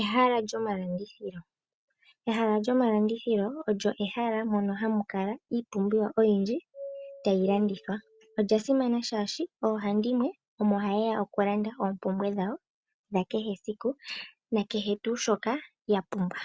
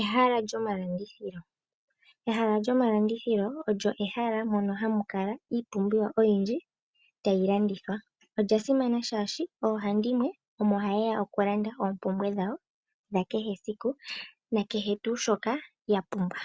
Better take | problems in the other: second | background sound (Doorbell); 16 dB below the speech

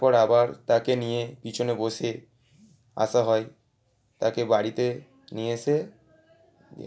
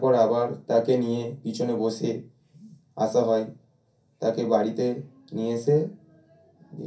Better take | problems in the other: first | room echo; dies away in 0.3 s

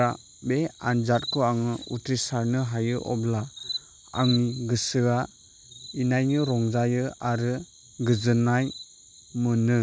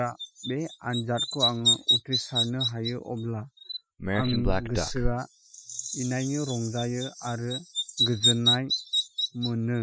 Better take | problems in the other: first | noise reduction (classical method Wiener filter)

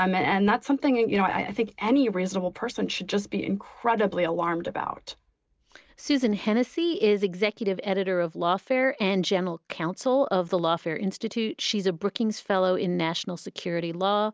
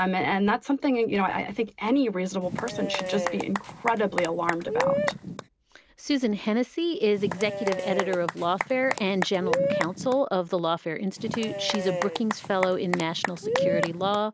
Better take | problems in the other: first | background sound (Applause / Cheering / Clapping); 3 dB below the speech

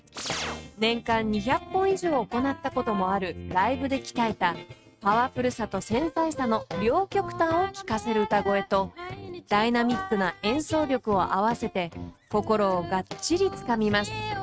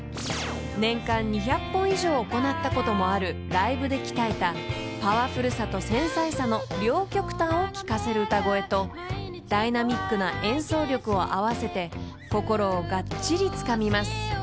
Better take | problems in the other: second | noise reduction (neural mask model RNNoise)

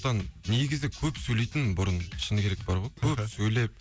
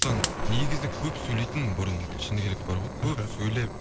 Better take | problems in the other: first | background sound (Fire); 2 dB below the speech

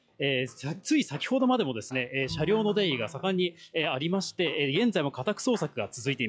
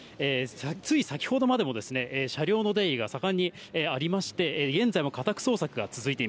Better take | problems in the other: second | noise reduction (classical method log-MMSE)

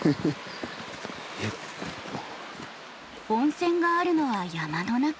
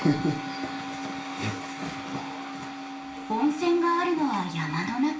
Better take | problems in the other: first | background sound (Musical instrument); 10 dB below the speech // room echo; dies away in 0.4 s

